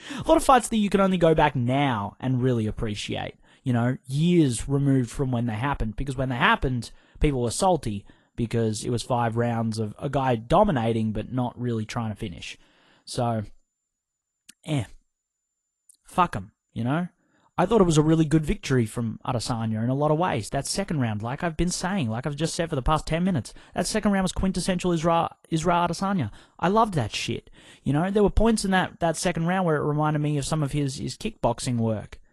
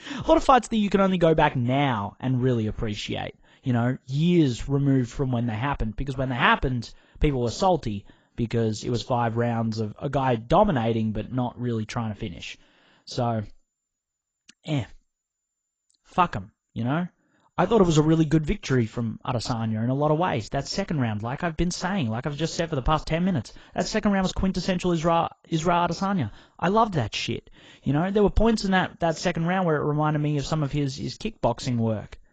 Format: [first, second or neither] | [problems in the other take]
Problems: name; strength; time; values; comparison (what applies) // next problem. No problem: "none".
first | garbled, watery; badly; nothing above 8 kHz; slightly in the first